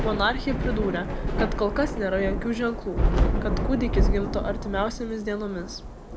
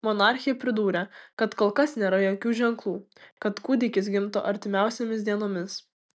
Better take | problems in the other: second | background sound (Thunder / Rain); 2 dB above the speech

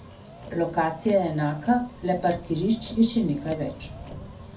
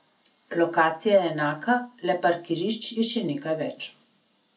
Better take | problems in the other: second | background sound (Motor vehicle (road)); 15 dB below the speech // room echo; dies away in 0.4 s

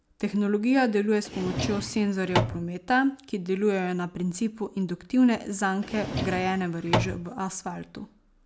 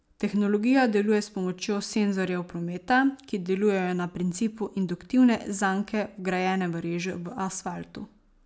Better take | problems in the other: second | background sound (Drawer open or close); 4 dB below the speech

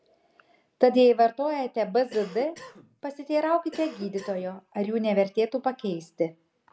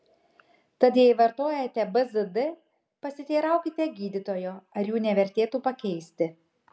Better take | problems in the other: second | background sound (Cough); 19 dB below the speech

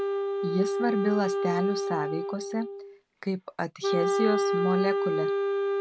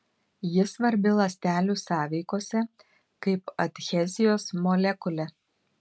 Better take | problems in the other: second | background sound (Wind instrument, woodwind instrument); 3 dB above the speech

